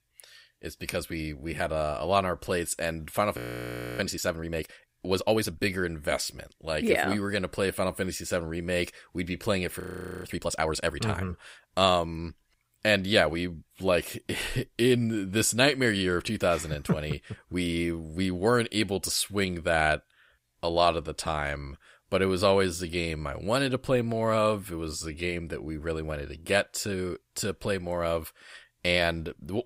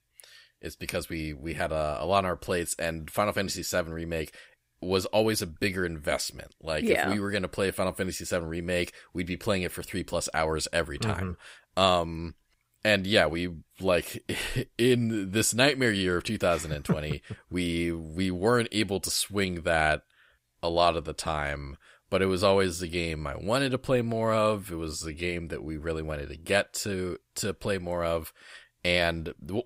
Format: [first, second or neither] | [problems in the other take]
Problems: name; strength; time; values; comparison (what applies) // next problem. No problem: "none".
second | audio freezing; at 3.5 s for 0.5 s and at 10 s